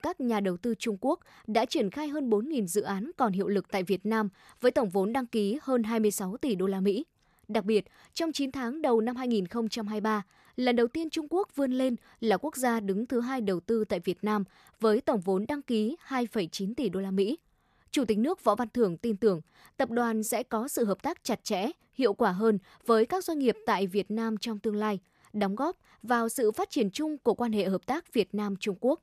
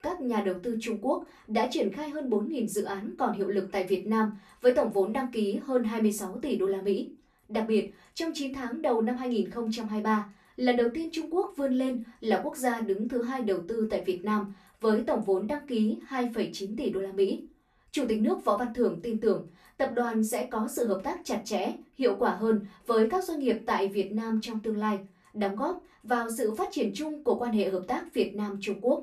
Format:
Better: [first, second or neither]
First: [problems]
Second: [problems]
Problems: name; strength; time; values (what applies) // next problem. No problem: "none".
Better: first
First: none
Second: off-mic speech; far // room echo; very slight; dies away in 0.2 s